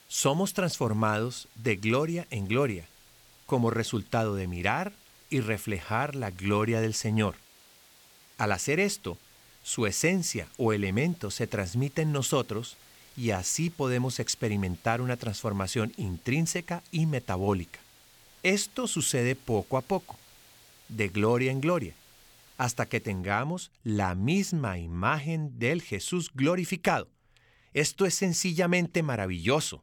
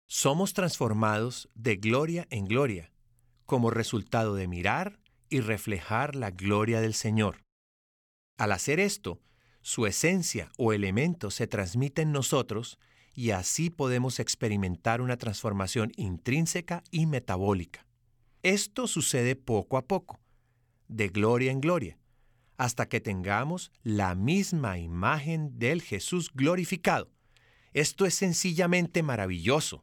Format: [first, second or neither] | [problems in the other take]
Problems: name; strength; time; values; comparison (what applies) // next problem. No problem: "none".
second | hiss; faint; until 23 s; 25 dB below the speech